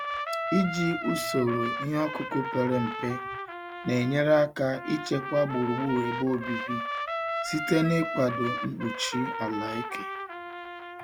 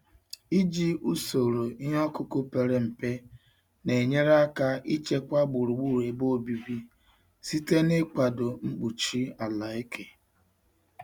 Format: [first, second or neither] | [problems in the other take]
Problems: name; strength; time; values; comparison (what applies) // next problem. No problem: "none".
second | background sound (Trumpet); 5 dB below the speech